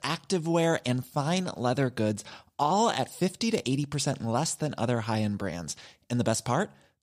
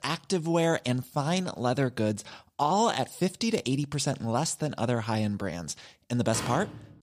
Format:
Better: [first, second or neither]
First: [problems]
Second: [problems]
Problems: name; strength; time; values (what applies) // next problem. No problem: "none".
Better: first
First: none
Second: door banging; noticeable; at 6.5 s; peak 7 dB below the speech